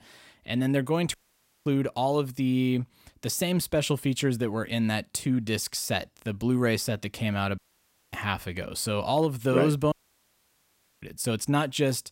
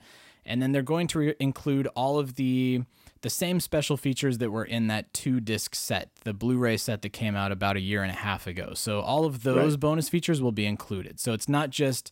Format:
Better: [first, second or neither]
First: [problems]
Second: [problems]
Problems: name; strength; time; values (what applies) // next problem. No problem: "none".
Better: second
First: audio cutting out; at 1 s for 0.5 s, at 7.5 s for 0.5 s and at 10 s for 1 s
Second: none